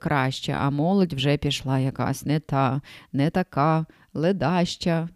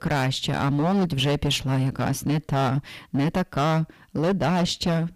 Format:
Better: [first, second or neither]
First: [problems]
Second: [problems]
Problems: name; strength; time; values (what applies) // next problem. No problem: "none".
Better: first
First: none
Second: distortion; heavy; 16% of the sound clipped